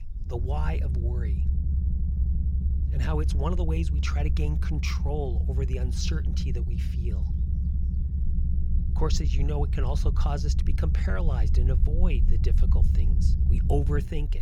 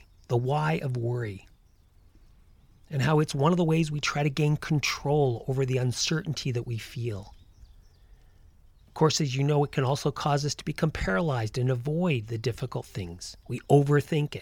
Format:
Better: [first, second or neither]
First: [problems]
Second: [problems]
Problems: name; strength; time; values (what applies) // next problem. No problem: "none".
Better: second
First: low rumble; loud; throughout; 7 dB below the speech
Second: none